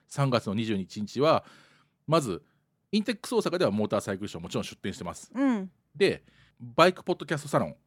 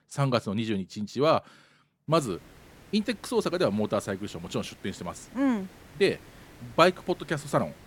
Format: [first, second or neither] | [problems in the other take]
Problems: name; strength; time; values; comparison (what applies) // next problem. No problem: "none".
first | hiss; faint; from 2 s on; 25 dB below the speech